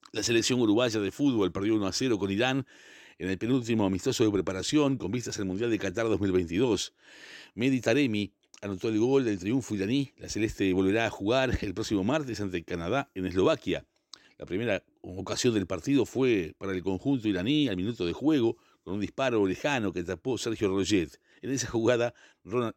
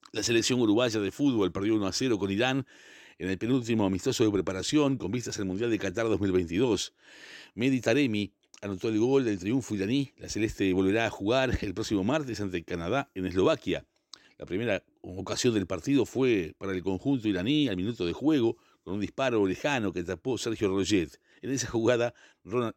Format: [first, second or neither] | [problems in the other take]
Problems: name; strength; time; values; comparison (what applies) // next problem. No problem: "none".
neither | none